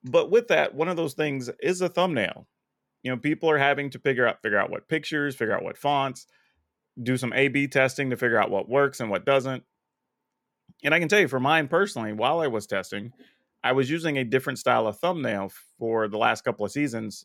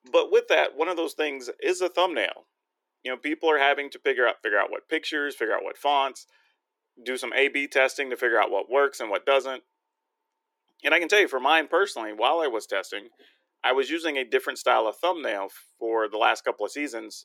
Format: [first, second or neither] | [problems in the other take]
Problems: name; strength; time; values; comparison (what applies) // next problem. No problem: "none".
first | thin; somewhat; fading below 350 Hz